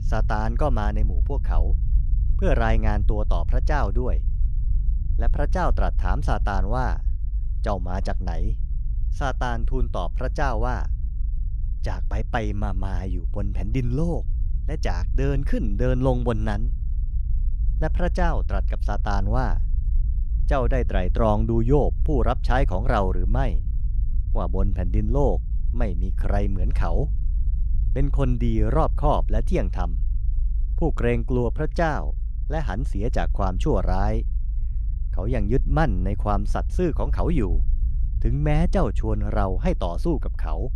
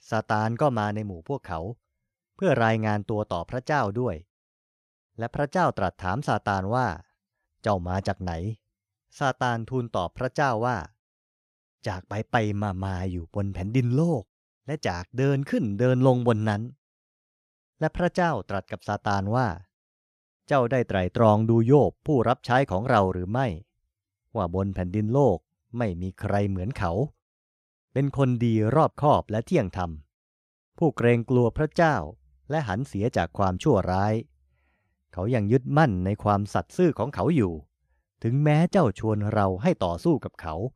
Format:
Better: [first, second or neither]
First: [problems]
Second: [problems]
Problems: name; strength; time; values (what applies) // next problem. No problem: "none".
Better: second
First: low rumble; faint; throughout; 20 dB below the speech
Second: none